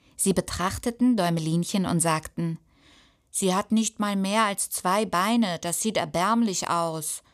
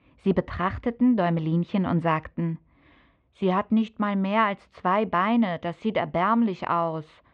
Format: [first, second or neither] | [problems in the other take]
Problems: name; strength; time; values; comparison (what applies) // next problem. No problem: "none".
first | muffled; very; fading above 2.5 kHz